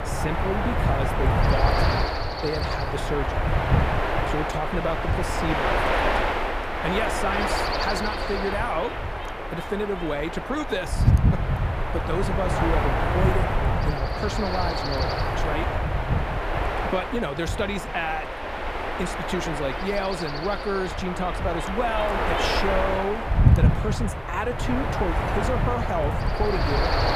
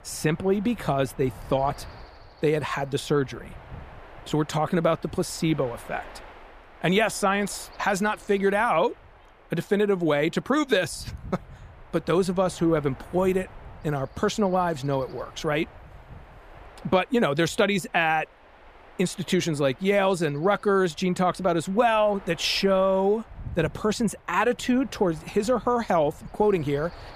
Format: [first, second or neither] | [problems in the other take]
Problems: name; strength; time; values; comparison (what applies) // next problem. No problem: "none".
second | wind noise on the microphone; heavy; 3 dB above the speech; occasional gusts in the second